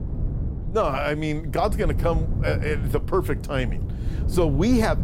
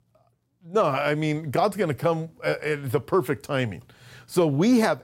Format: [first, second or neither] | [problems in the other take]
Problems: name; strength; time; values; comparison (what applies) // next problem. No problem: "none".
second | wind noise on the microphone; occasional gusts; 15 dB below the speech